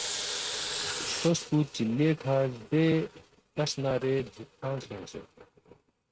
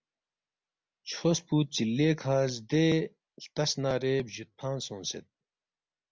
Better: second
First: noise reduction (neural mask model RNNoise)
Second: none

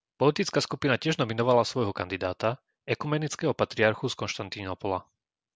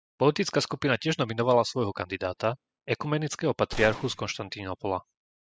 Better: first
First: none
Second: noise reduction (classical method spectral subtraction)

